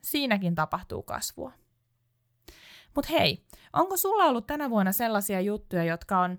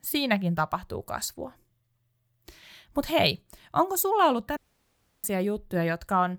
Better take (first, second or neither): first